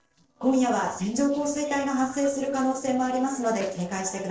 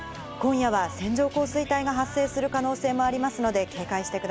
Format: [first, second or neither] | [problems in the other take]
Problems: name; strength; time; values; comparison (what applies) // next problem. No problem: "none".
second | noise reduction (neural separator model SepFormer DNS4)